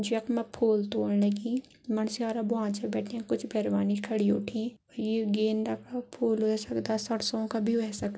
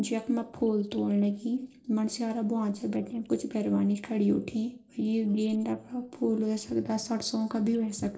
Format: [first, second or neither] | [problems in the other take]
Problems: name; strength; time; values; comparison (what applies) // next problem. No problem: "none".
first | noise reduction (neural separator model SepFormer DNS4)